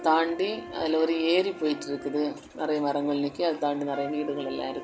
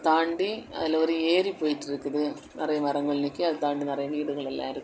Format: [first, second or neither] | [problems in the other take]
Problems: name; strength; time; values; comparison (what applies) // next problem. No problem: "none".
second | background sound (Wind instrument, woodwind instrument); 15 dB below the speech